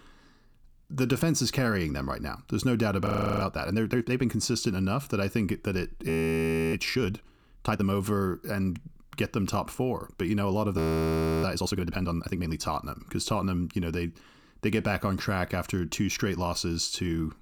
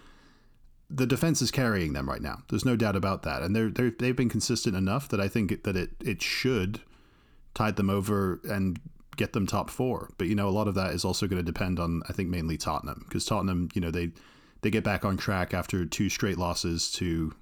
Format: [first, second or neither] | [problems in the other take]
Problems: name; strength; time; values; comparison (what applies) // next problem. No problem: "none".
second | audio freezing; at 3 s, at 6 s for 0.5 s and at 11 s for 0.5 s